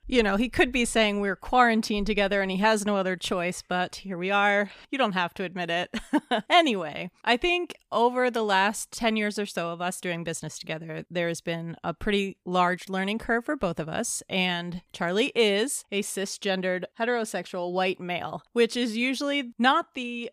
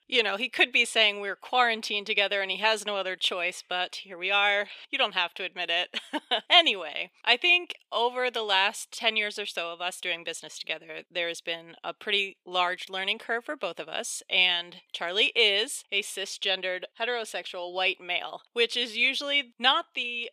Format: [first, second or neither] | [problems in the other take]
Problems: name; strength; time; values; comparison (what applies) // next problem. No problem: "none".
first | thin; somewhat; fading below 450 Hz